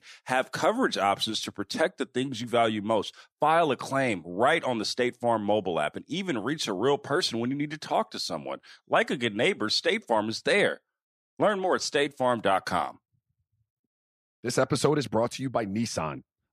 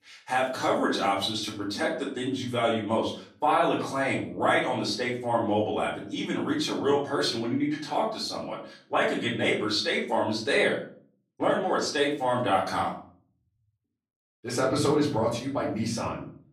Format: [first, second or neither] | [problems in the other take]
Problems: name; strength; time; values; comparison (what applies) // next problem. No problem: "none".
first | room echo; slight; dies away in 0.4 s // off-mic speech; far